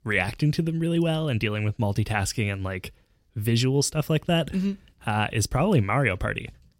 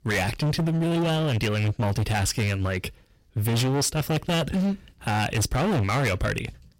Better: first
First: none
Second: distortion; heavy; 27% of the sound clipped

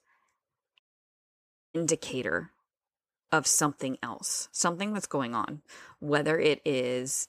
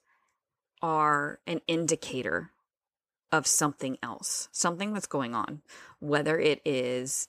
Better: second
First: audio cutting out; at 1 s for 1 s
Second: none

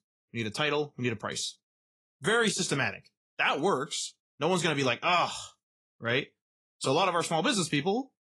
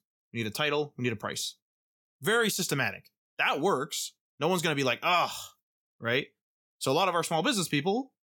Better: second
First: garbled, watery; slightly; nothing above 10.5 kHz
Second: none

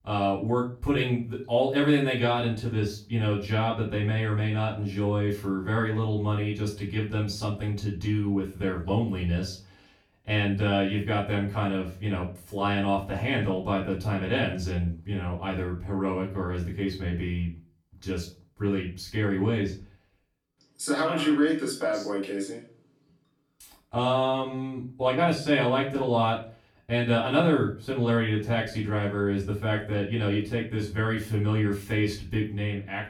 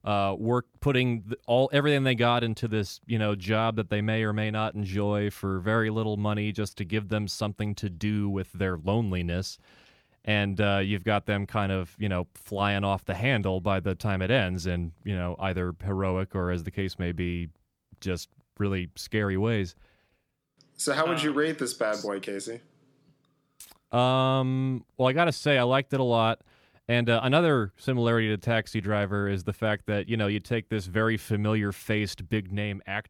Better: second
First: off-mic speech; far // room echo; slight; dies away in 0.3 s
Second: none

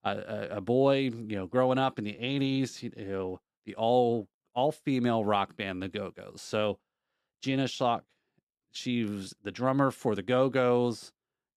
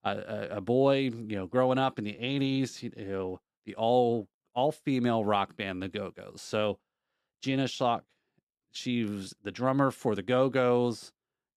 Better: neither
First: none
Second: none

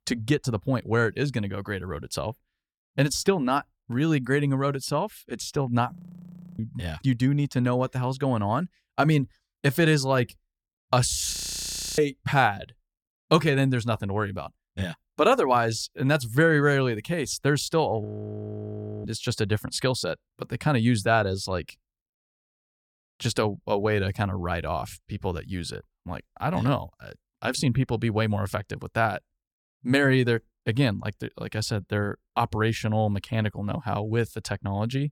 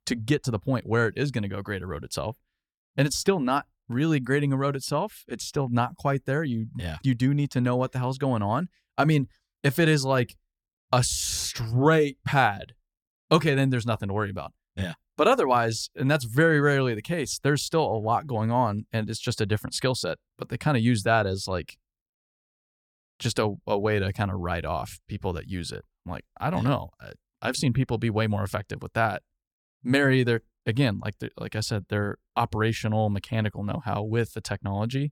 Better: second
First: audio freezing; at 6 s for 0.5 s, at 11 s for 0.5 s and at 18 s for 1 s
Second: none

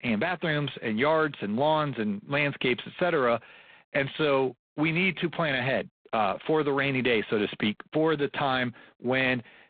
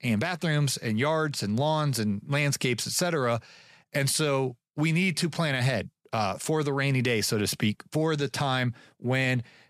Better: second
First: phone-call audio; poor line; nothing above 3.5 kHz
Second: none

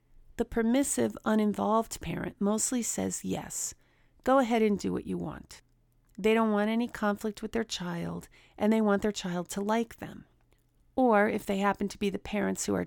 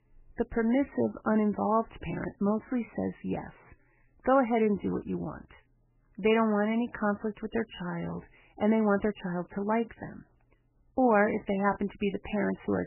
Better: first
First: none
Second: garbled, watery; badly; nothing above 3 kHz

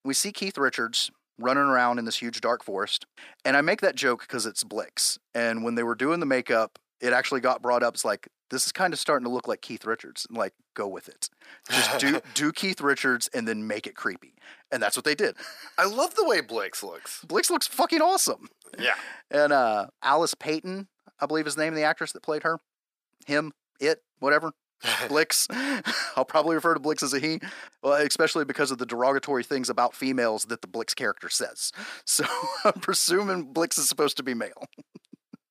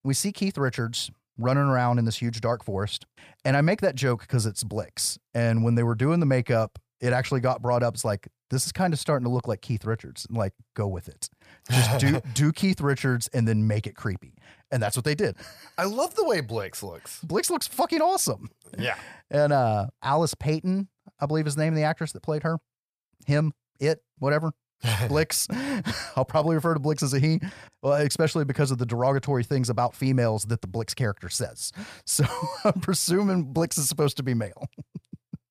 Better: second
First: thin; somewhat; fading below 250 Hz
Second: none

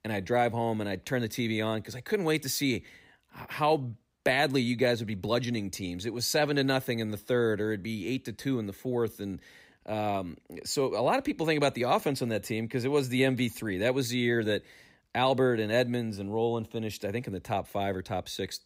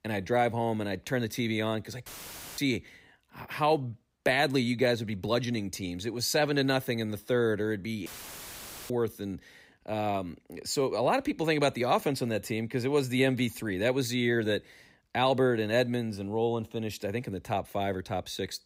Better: first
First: none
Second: audio cutting out; filled with static; at 2 s for 0.5 s and at 8 s for 1 s

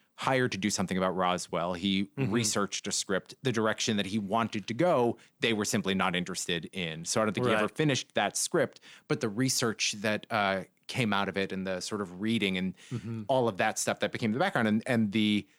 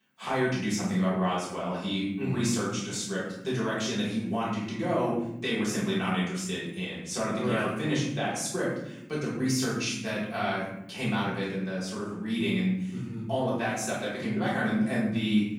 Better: first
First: none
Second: off-mic speech; far // room echo; noticeable; dies away in 0.9 s

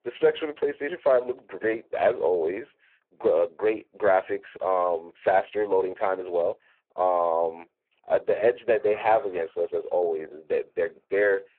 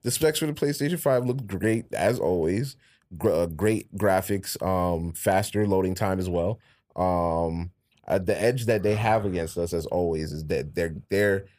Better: second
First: phone-call audio; poor line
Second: none

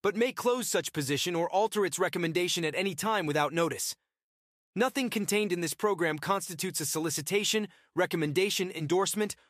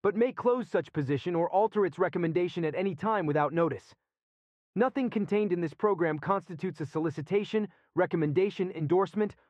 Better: first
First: none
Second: muffled; very; fading above 1.5 kHz

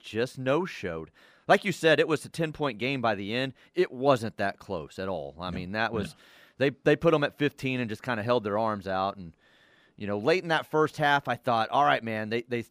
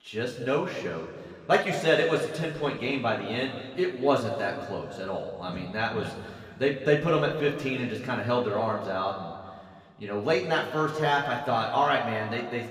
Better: first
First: none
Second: room echo; noticeable; dies away in 1.9 s // off-mic speech; somewhat distant

